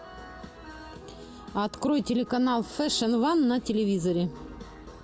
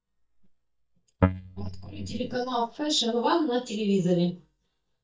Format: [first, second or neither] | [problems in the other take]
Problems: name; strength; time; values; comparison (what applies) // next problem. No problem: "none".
first | noise reduction (neural mask model DeepFilterNet 3)